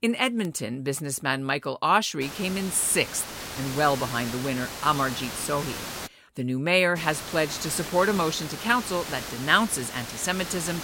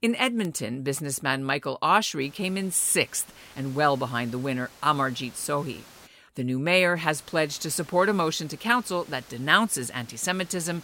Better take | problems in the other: second | hiss; loud; from 2 to 6 s and from 7 s on; 9 dB below the speech; faint in the second

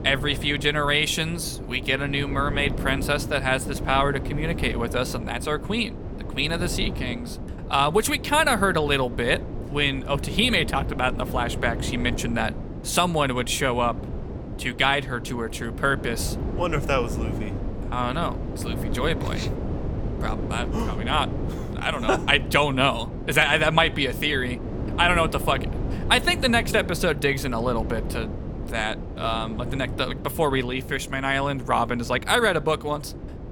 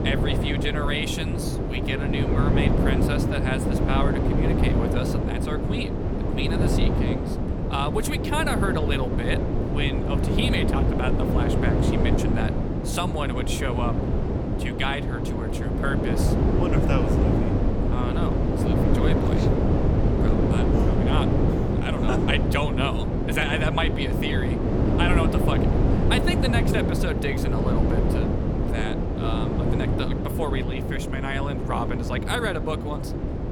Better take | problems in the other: first | wind noise on the microphone; heavy; as loud as the speech; occasional gusts in the first

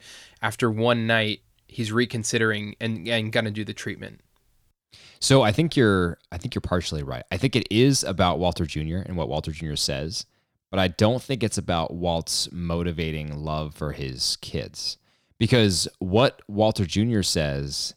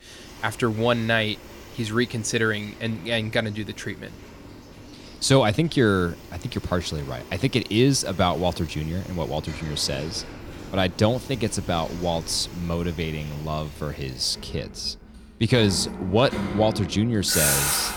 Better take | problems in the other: first | traffic noise; loud; throughout; 8 dB below the speech

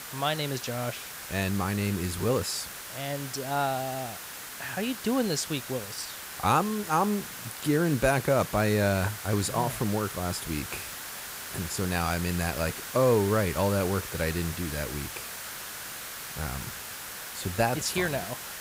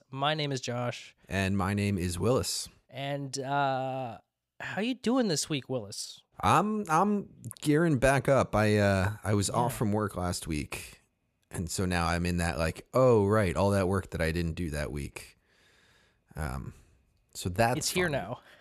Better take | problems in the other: second | hiss; loud; throughout; 8 dB below the speech

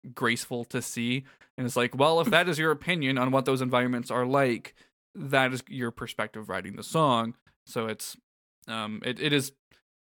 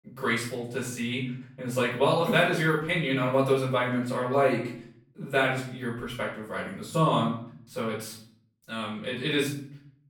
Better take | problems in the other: first | off-mic speech; far // room echo; noticeable; dies away in 0.6 s

